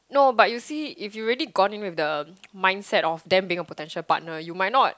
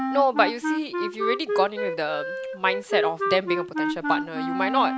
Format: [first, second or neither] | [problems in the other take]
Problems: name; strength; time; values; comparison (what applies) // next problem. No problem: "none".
first | background sound (Wind instrument, woodwind instrument); 2 dB below the speech